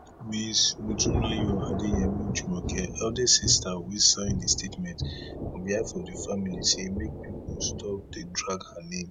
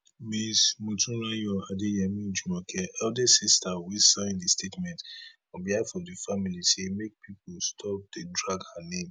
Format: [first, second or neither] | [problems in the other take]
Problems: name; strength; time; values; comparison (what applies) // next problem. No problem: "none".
second | background sound (Thunder / Rain); 5 dB below the speech